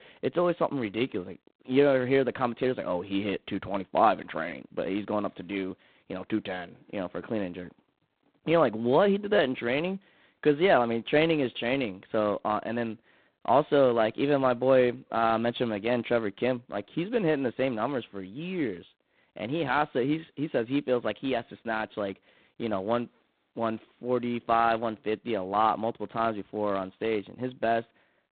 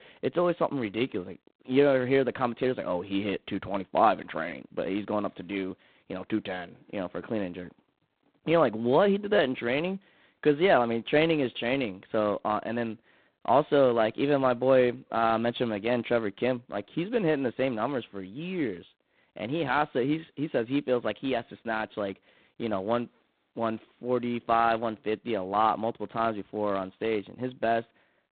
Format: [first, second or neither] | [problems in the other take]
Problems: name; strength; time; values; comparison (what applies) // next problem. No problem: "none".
neither | phone-call audio; poor line; nothing above 4 kHz; the same in both